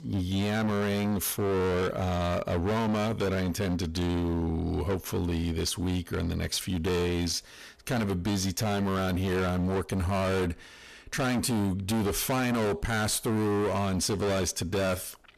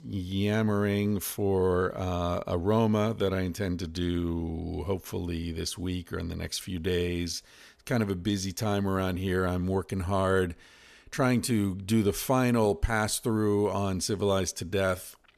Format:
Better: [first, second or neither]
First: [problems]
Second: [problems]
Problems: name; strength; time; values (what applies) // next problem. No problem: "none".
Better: second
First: distortion; heavy; 29% of the sound clipped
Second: none